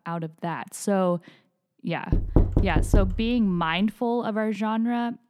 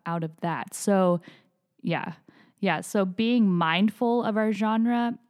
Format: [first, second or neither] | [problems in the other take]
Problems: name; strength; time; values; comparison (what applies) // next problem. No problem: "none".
second | door banging; loud; from 2 to 3.5 s; peak 3 dB above the speech